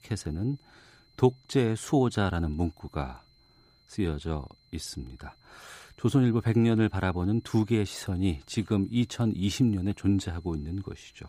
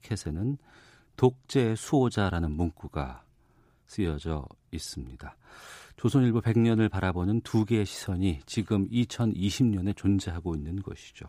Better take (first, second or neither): second